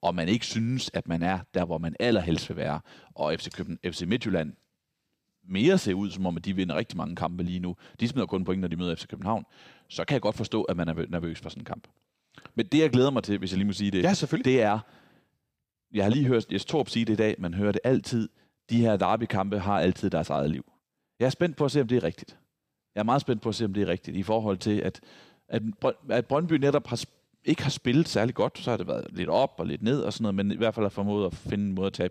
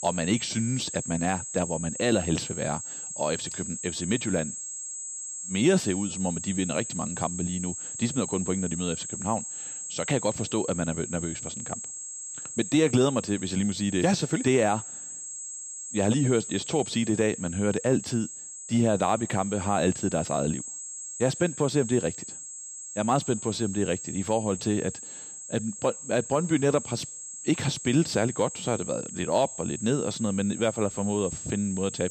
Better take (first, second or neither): first